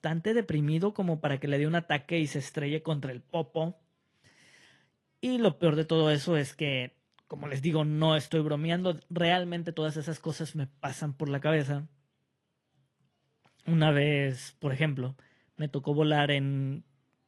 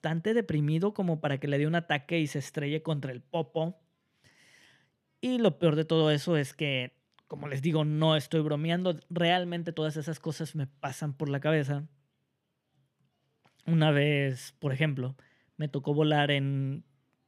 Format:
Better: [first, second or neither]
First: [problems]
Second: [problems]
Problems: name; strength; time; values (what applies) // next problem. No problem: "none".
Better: second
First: garbled, watery; slightly; nothing above 11.5 kHz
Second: none